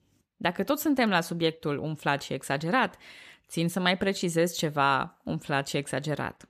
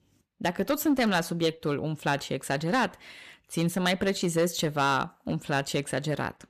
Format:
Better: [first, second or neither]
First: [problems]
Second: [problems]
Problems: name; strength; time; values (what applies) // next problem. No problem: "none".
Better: first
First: none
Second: distortion; slight; 4% of the sound clipped